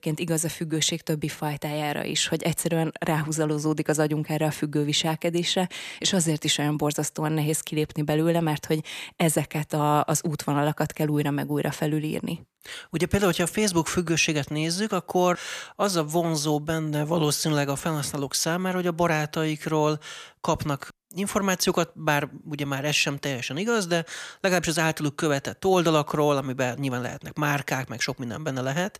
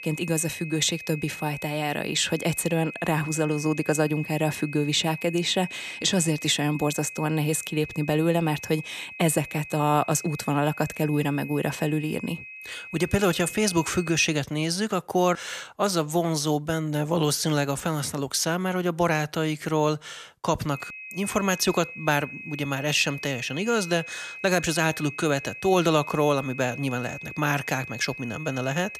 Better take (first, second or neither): first